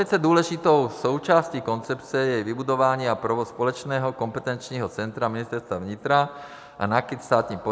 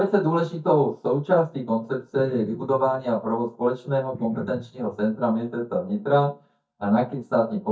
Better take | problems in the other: first | noise reduction (neural mask model DeepFilterNet 3)

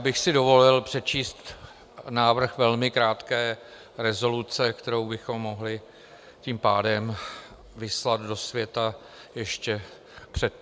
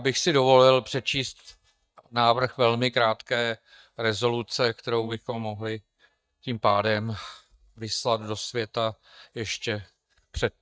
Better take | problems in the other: first | noise reduction (neural mask model DeepFilterNet 3)

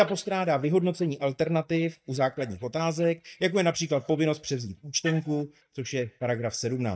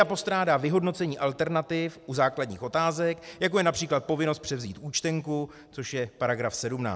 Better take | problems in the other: second | noise reduction (neural mask model DeepFilterNet 3)

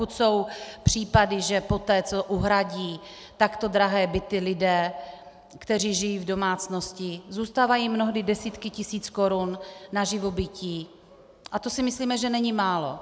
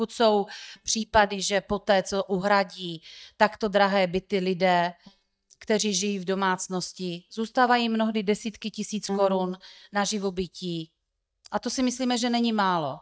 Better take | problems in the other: first | noise reduction (neural mask model DeepFilterNet 3)

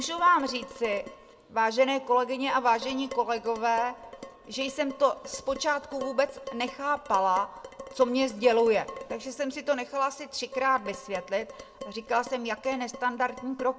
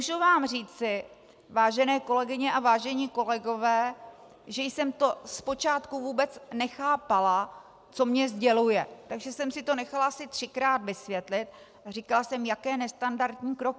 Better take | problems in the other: second | background sound (Dishes, pots, and pans); 16 dB below the speech // room echo; dies away in 0.5 s

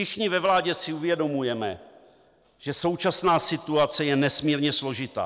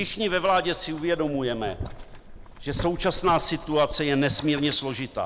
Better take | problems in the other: first | background sound (Boiling); 12 dB below the speech

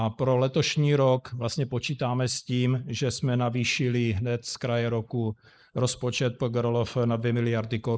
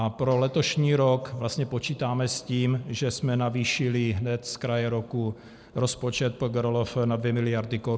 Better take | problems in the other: second | noise reduction (neural mask model Resemble Enhance denoiser)

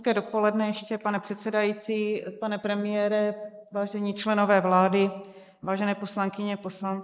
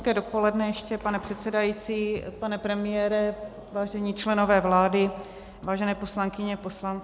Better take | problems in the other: second | noise reduction (neural mask model Resemble Enhance denoiser)

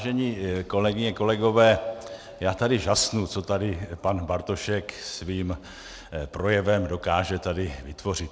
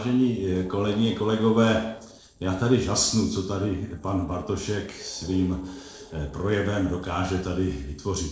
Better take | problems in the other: first | noise reduction (neural separator model SepFormer DNS4)

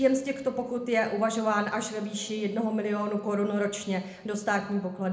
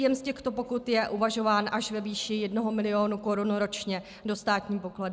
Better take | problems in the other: second | room echo; dies away in 0.7 s

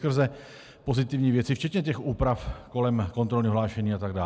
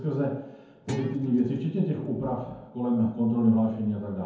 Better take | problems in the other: first | background sound (Guitar); 15 dB below the speech // room echo; dies away in 0.9 s

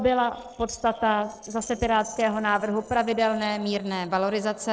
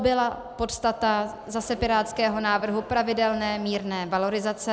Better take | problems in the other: second | noise reduction (neural separator model SepFormer DNS4)

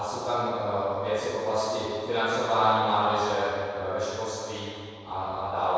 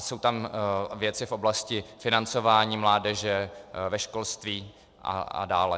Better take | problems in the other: second | room echo; dies away in 2.2 s

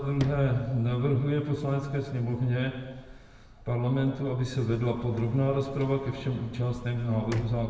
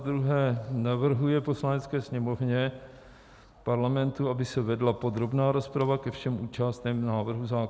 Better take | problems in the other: second | background sound (Sliding door); 16 dB below the speech // room echo; dies away in 1.2 s

